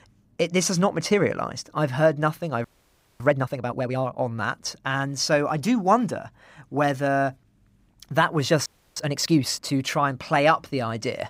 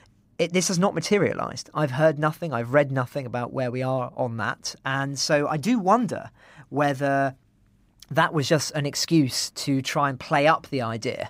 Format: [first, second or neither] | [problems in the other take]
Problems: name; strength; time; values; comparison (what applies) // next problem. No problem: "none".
second | audio freezing; at 2.5 s for 0.5 s and at 8.5 s